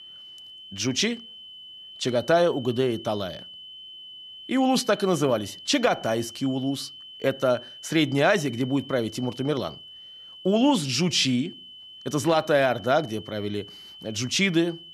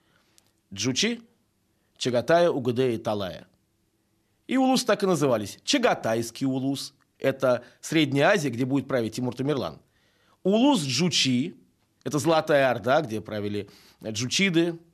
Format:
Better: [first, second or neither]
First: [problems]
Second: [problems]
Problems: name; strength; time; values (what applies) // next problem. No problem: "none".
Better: second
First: high-pitched whine; noticeable; throughout; 3 kHz, 15 dB below the speech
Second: none